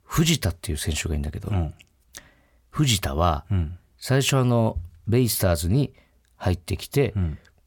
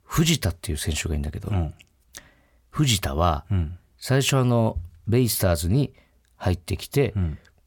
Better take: neither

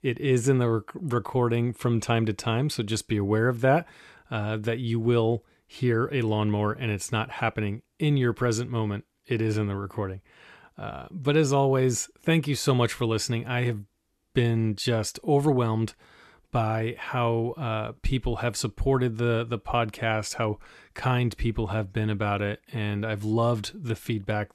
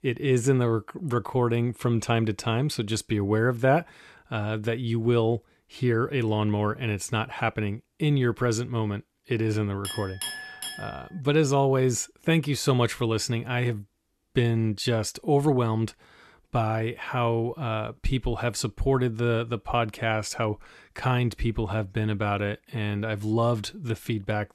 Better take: first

